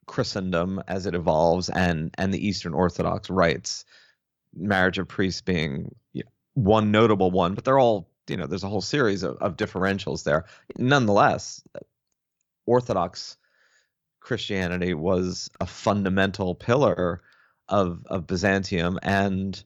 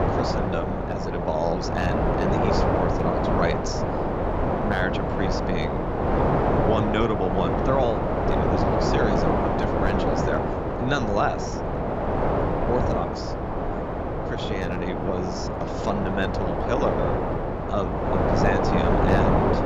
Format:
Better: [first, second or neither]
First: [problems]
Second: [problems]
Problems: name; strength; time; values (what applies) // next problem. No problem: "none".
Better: first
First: none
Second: wind noise on the microphone; heavy; 4 dB above the speech